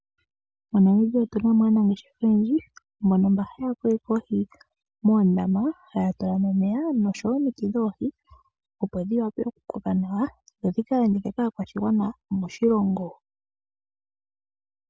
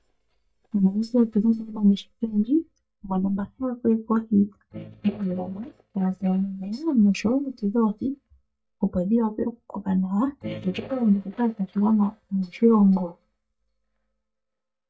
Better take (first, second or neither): first